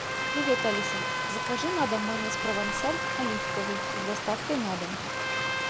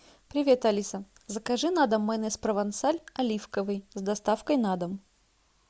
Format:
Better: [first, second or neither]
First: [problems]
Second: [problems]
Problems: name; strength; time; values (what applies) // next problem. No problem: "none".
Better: second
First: background sound (Trumpet + Stream); 2 dB above the speech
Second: none